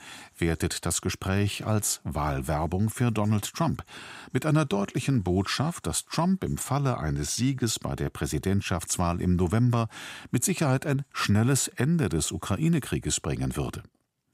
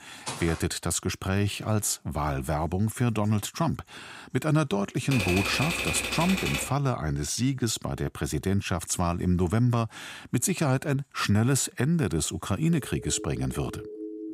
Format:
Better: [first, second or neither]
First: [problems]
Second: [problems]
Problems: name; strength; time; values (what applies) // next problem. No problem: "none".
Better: first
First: none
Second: footsteps; noticeable; at 0.5 s; peak 8 dB below the speech // keyboard typing; loud; from 5 to 6.5 s; peak level with the speech // siren; faint; from 13 s on; peak 10 dB below the speech